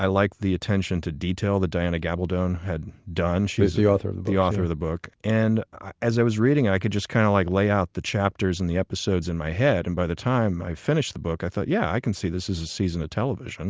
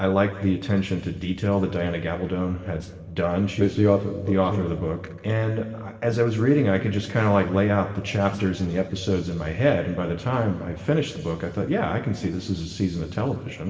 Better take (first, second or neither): first